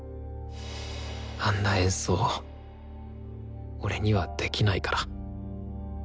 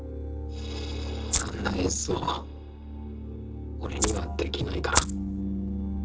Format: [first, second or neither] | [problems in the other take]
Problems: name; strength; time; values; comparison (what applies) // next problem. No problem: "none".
first | noise reduction (neural separator model SepFormer DNS4)